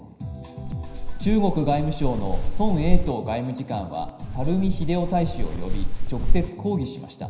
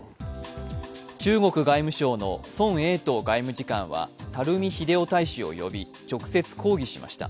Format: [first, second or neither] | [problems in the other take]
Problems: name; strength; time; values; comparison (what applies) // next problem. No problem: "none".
second | background sound (Wind); 4 dB above the speech // room echo; dies away in 0.9 s